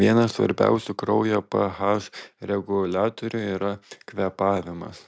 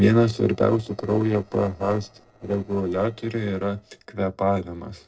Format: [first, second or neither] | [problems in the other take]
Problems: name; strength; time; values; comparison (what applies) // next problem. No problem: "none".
first | noise reduction (neural separator model SepFormer DNS4)